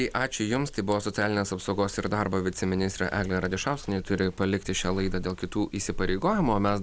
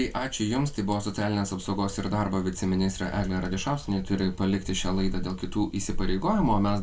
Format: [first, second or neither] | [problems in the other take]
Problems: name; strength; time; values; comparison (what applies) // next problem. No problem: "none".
first | room echo; dies away in 0.2 s